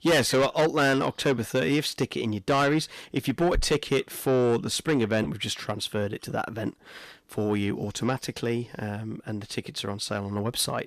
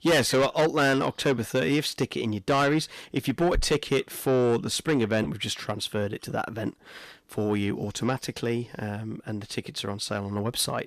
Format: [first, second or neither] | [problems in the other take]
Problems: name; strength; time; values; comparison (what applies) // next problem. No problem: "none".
neither | distortion; heavy; 6 dB below the speech; the same in both